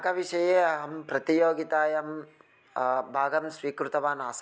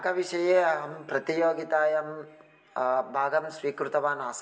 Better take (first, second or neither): first